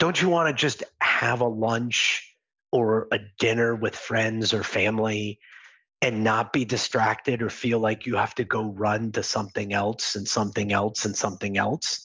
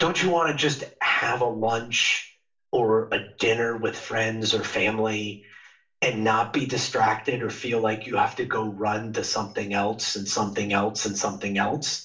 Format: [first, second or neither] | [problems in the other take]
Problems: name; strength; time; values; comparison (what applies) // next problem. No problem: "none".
first | room echo; dies away in 0.3 s